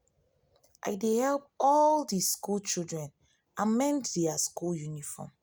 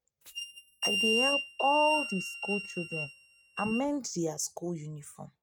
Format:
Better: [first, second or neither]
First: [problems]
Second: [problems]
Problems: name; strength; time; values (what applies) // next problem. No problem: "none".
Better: first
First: none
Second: noise reduction (neural mask model RNNoise)